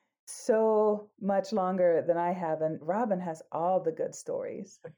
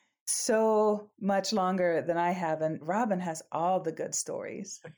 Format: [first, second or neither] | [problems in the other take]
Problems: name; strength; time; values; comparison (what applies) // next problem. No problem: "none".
second | muffled; slightly; fading above 2 kHz